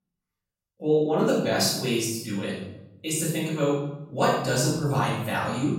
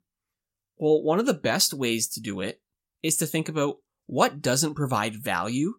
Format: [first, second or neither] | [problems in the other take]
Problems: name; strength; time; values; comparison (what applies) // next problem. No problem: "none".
second | off-mic speech; far // room echo; strong; dies away in 0.9 s